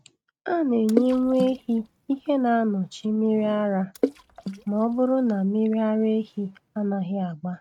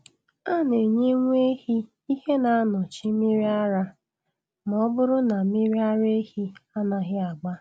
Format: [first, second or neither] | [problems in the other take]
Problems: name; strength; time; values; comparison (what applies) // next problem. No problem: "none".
second | noise reduction (neural mask model RNNoise)